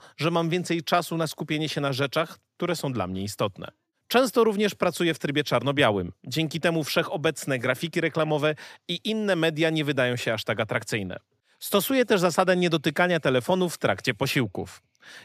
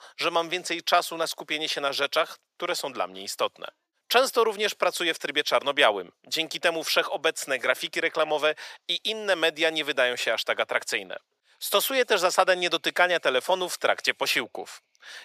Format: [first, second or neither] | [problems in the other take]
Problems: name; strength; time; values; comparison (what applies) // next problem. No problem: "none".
first | thin; very; fading below 600 Hz